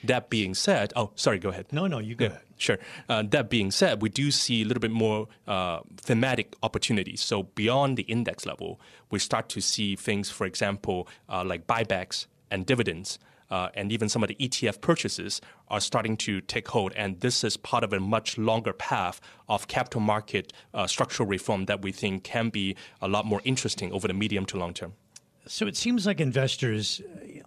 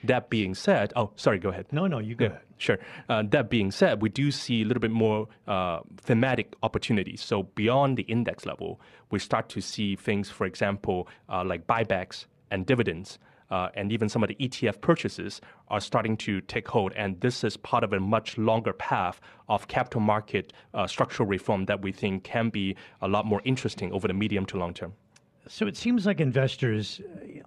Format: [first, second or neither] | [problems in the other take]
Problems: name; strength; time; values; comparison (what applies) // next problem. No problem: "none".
first | muffled; slightly; fading above 3.5 kHz